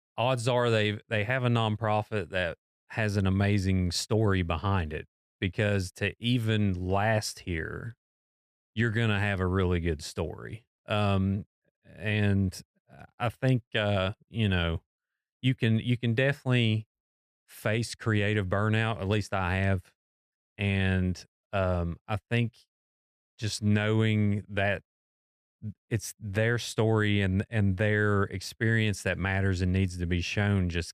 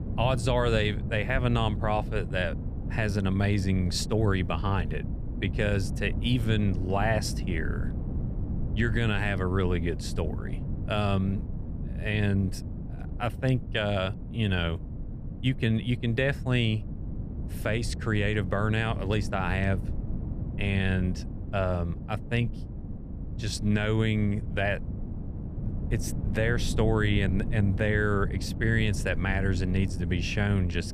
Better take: first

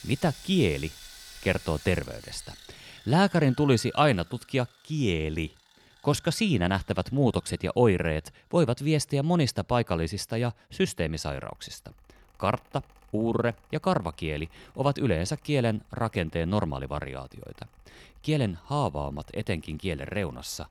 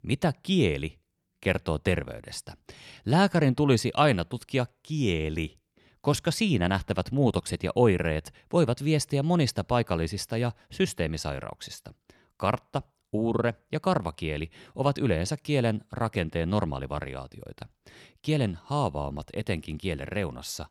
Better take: second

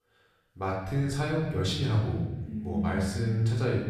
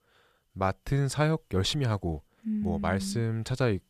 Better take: second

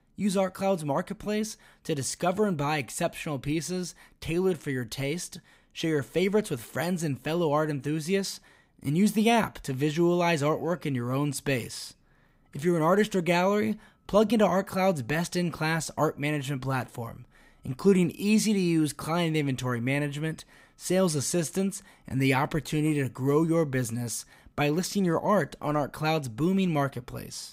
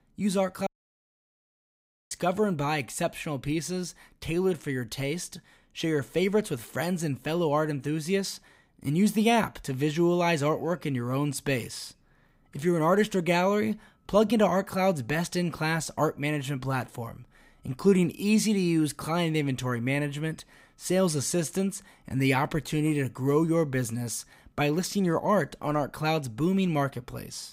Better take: first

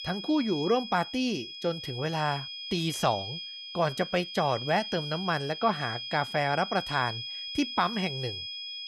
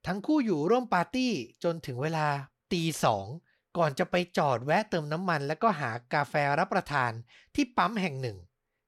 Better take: second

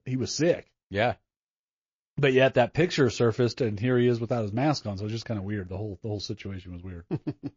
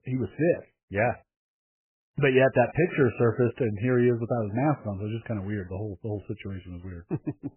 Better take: first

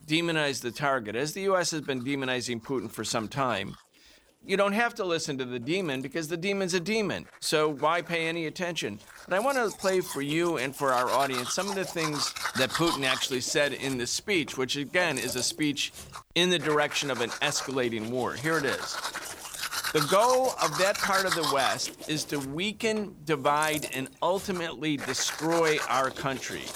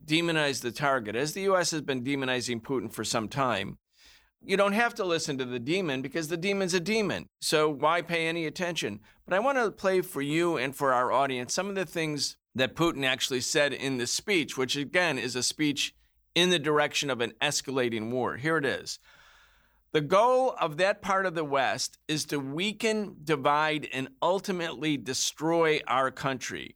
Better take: second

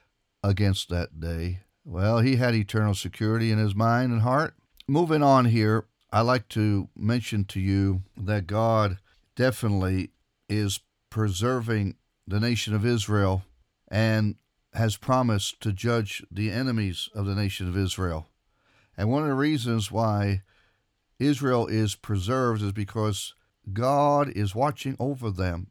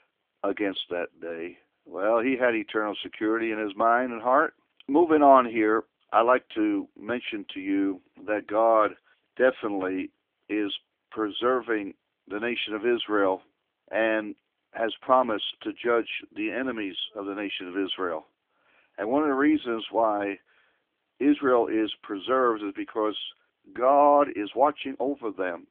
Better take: first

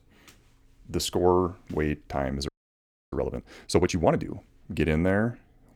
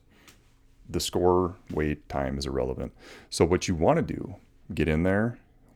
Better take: second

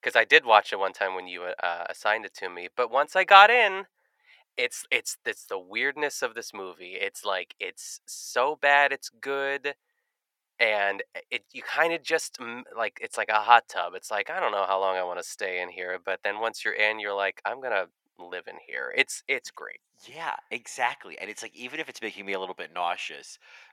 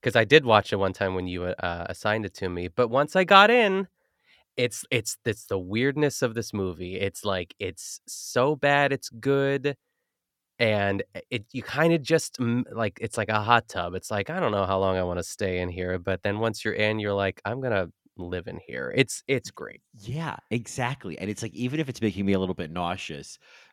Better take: second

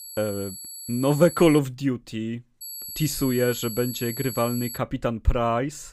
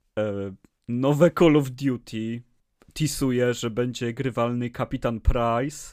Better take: second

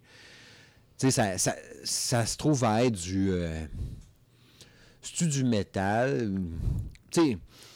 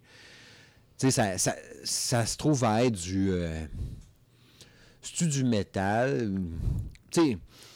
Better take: neither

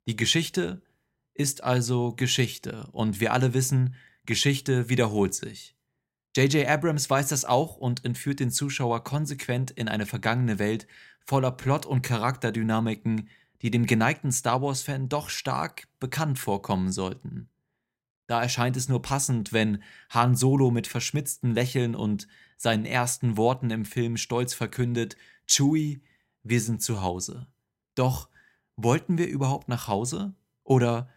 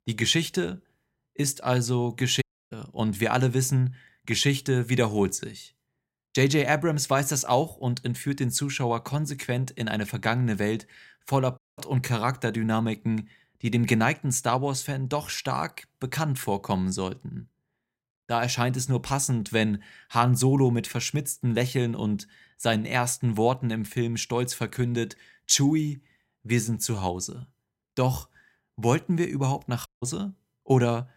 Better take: first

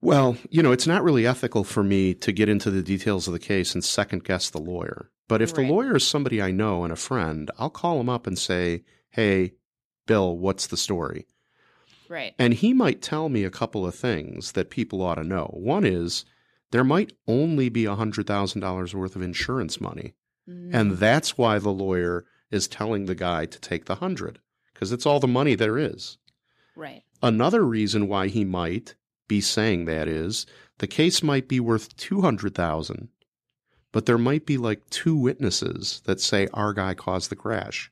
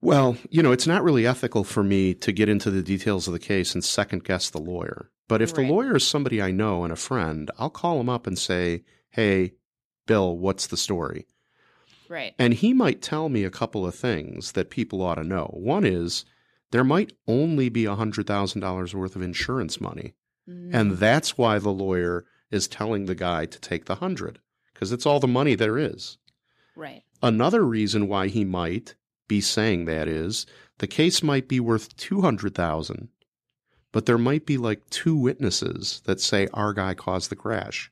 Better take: neither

